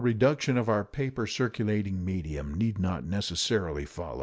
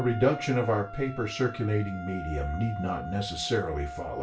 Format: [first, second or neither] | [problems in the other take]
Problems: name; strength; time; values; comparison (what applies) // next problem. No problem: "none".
first | background sound (Wind instrument, woodwind instrument); 12 dB below the speech // room echo; dies away in 0.3 s